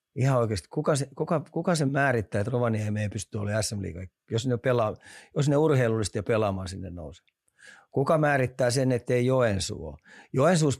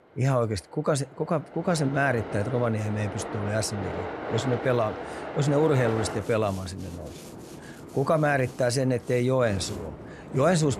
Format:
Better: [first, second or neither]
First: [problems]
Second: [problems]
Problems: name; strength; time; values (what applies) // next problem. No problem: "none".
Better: first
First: none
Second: train or aircraft noise; noticeable; throughout; 10 dB below the speech